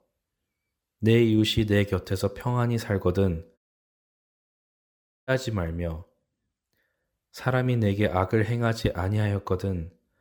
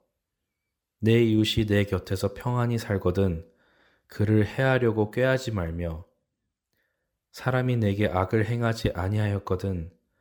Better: second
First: audio cutting out; at 3.5 s for 1.5 s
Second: none

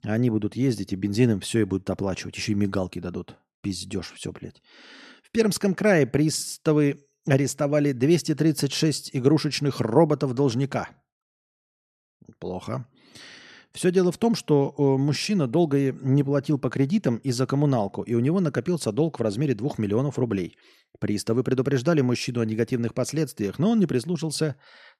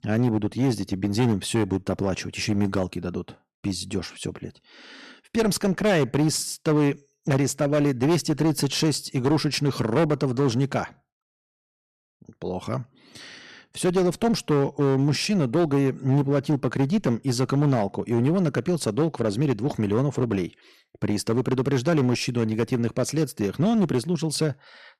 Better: first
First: none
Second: distortion; slight; 11% of the sound clipped

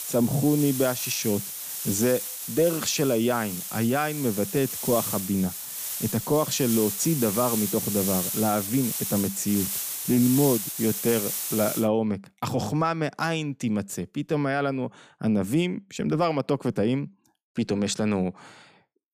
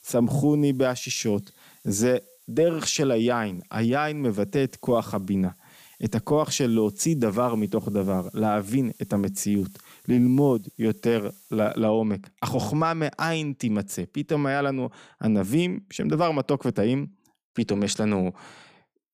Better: second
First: hiss; loud; until 12 s; 4 dB below the speech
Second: hiss; faint; until 12 s; 25 dB below the speech

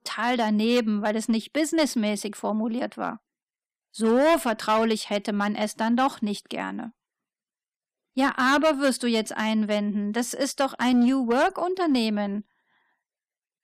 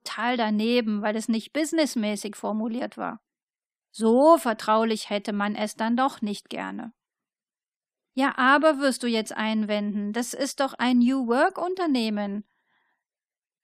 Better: second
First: distortion; slight; 4% of the sound clipped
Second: none

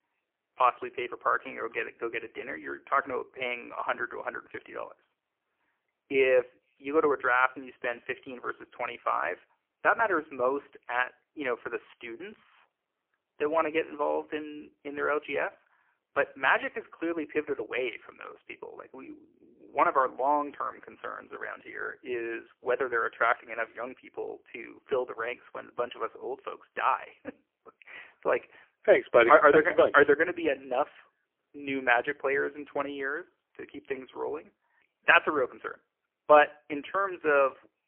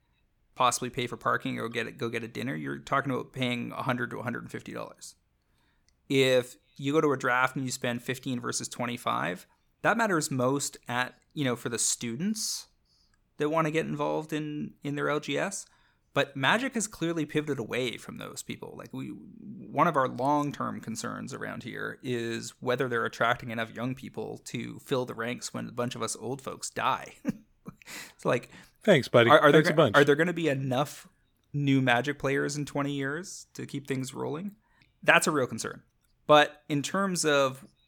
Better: second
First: phone-call audio; poor line; nothing above 3 kHz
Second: none

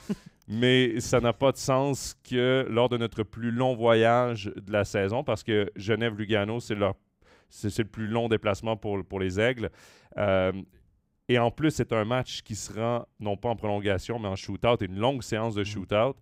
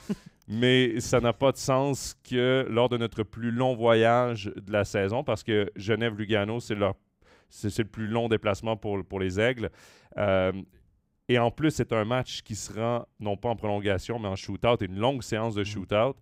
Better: neither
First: none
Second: none

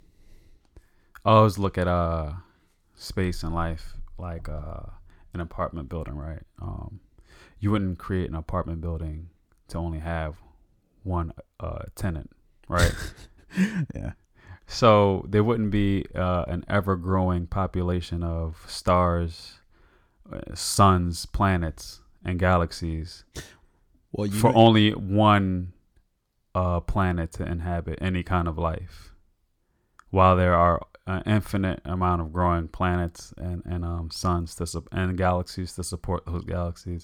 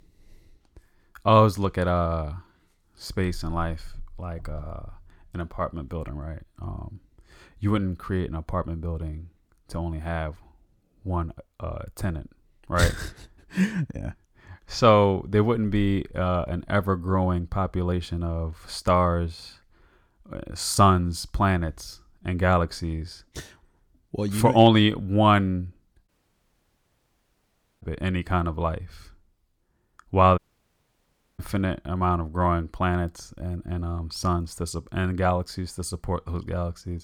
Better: first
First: none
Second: audio cutting out; at 26 s for 1.5 s and at 30 s for 1 s

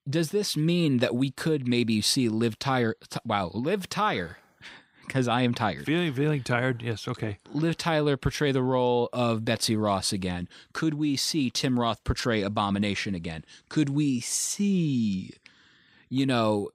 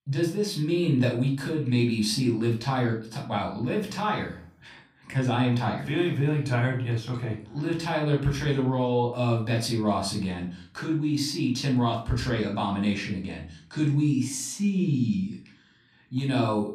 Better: first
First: none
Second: off-mic speech; somewhat distant // room echo; slight; dies away in 0.4 s

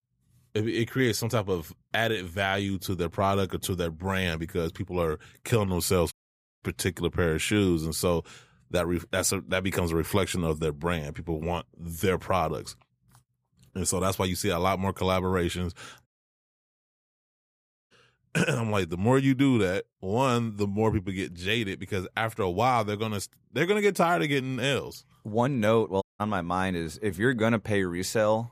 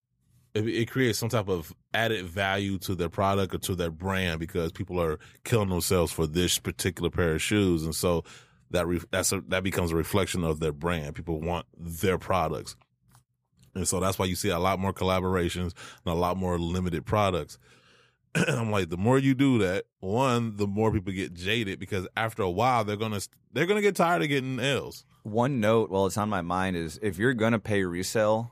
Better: second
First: audio cutting out; at 6 s for 0.5 s, at 16 s for 2 s and at 26 s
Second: none

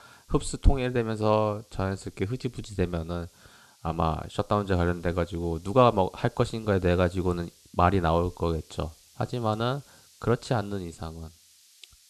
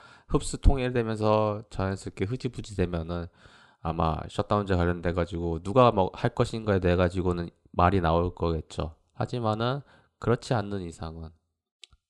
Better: second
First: hiss; faint; throughout; 30 dB below the speech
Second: none

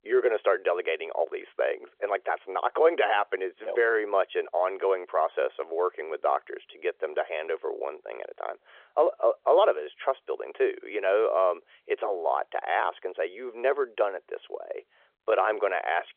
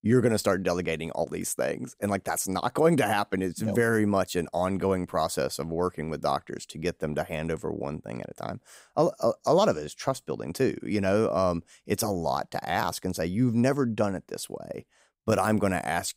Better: second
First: phone-call audio; nothing above 3.5 kHz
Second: none

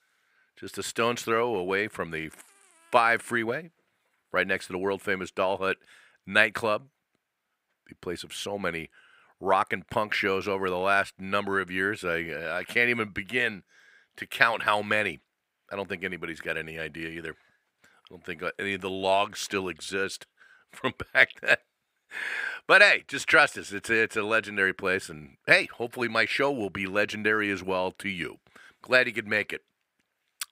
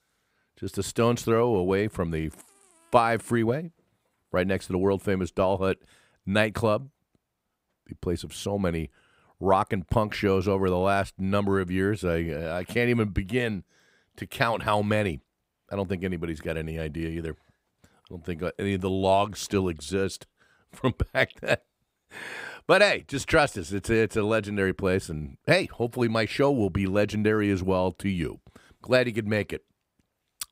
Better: second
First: thin; somewhat; fading below 900 Hz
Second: none

